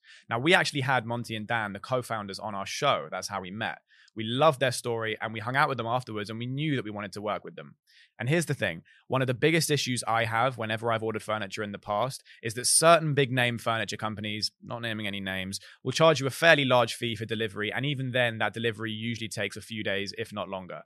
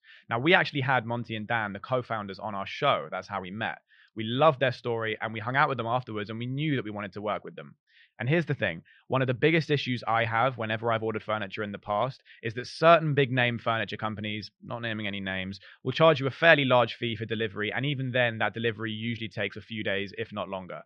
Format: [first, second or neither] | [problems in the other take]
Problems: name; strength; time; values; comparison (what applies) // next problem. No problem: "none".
first | muffled; slightly; fading above 3.5 kHz